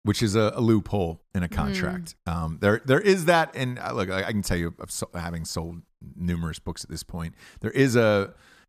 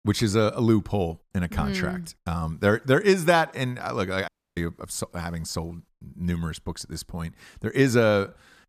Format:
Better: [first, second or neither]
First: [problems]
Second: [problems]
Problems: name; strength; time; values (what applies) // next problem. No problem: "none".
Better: first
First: none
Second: audio cutting out; at 4.5 s